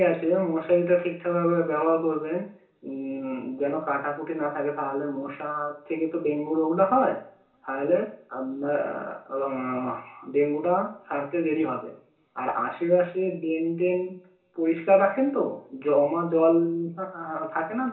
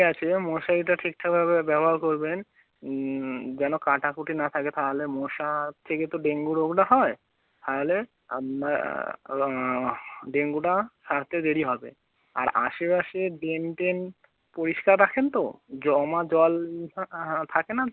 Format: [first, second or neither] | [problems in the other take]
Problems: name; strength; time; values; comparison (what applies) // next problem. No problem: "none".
second | room echo; dies away in 0.7 s